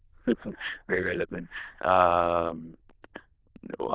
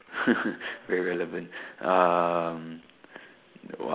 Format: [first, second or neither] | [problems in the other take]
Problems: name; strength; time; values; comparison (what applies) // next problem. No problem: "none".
second | noise reduction (neural diffusion model UNIVERSE++)